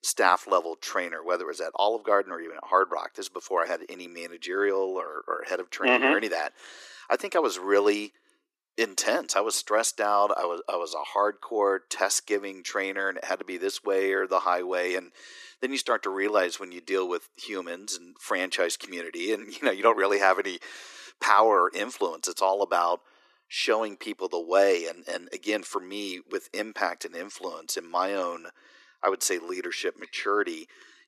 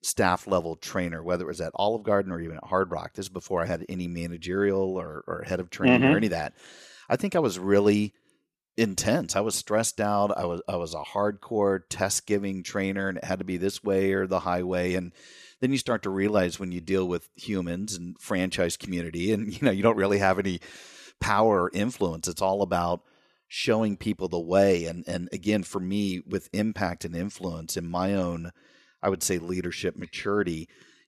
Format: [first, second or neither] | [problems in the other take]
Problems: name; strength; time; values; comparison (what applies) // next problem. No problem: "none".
second | thin; somewhat; fading below 300 Hz